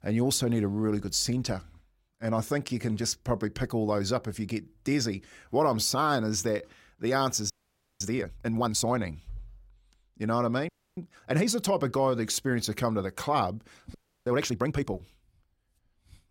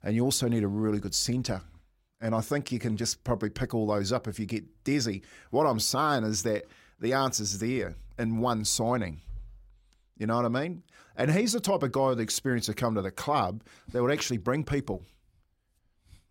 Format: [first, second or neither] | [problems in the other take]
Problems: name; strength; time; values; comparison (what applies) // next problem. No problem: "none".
second | audio freezing; at 7.5 s for 0.5 s, at 11 s and at 14 s